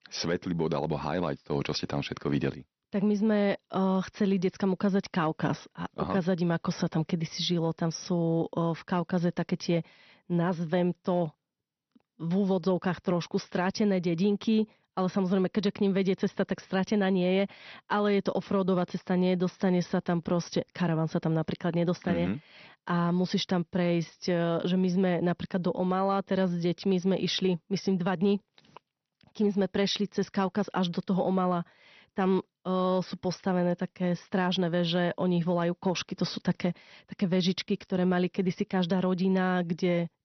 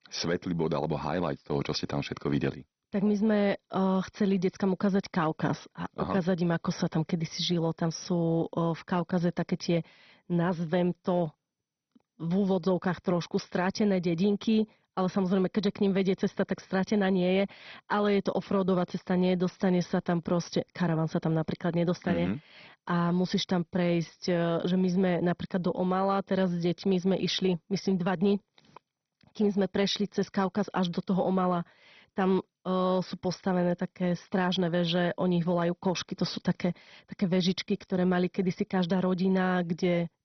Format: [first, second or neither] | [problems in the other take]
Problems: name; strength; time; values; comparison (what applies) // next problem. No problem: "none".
first | garbled, watery; badly; nothing above 6 kHz; slightly in the first